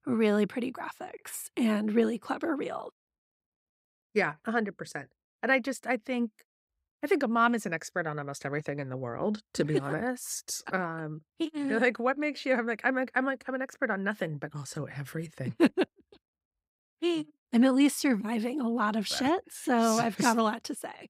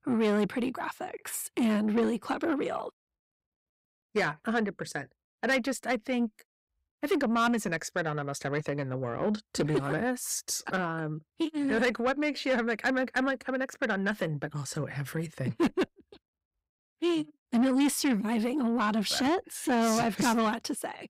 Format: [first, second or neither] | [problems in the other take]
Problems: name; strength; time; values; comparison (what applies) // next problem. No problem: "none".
first | distortion; slight; 10 dB below the speech